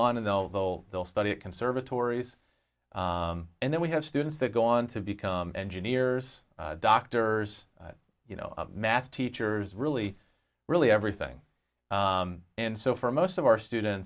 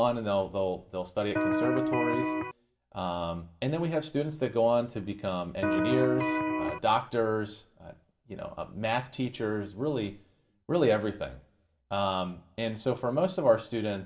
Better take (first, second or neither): first